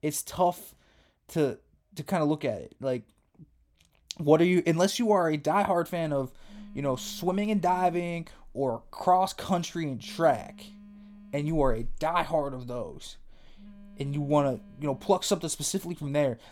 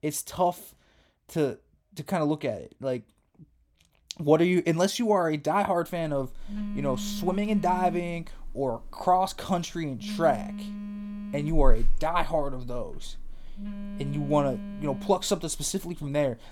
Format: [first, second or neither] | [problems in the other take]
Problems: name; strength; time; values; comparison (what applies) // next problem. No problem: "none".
first | alarms or sirens; loud; from 6 s on; 9 dB below the speech; faint in the first